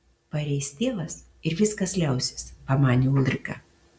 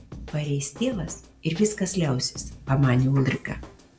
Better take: first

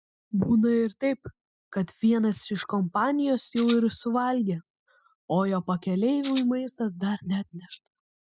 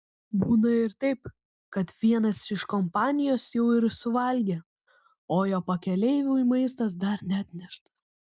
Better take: second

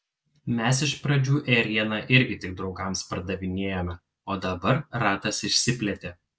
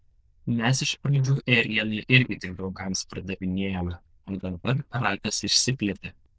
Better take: first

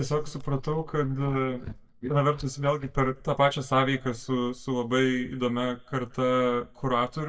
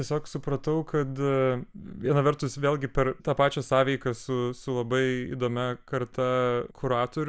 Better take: second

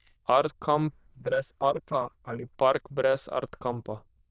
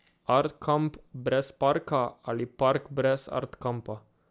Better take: second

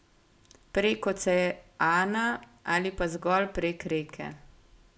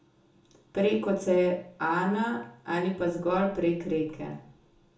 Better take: first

